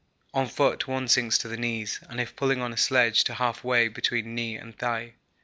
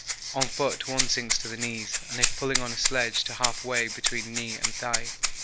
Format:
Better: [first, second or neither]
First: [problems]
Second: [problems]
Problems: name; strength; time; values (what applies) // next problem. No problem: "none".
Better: first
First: none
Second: background sound (Rattle (instrument)); 2 dB above the speech